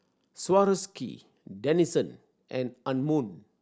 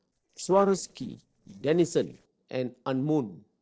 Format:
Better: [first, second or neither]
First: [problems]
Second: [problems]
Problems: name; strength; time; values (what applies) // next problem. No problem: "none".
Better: first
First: none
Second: noise reduction (neural separator model SepFormer DNS4)